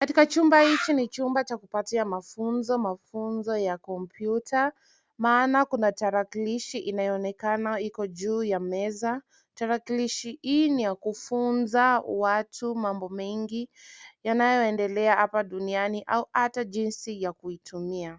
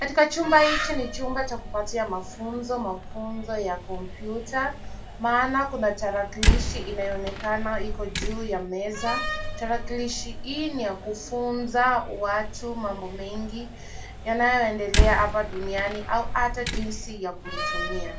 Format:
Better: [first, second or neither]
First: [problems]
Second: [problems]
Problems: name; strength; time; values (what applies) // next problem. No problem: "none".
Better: first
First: none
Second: background sound (Slam); 2 dB below the speech // room echo; dies away in 0.2 s